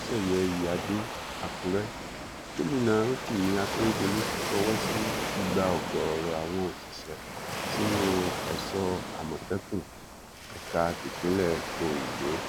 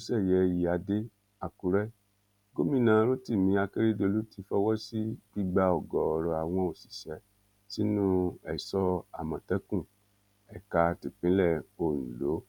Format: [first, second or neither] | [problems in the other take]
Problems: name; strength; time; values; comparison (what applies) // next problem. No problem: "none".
second | background sound (Waves, surf); 3 dB below the speech